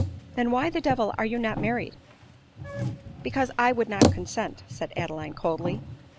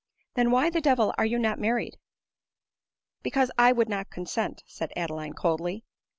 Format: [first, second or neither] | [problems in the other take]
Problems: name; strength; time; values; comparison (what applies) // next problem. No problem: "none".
second | background sound (Bicycle); 3 dB below the speech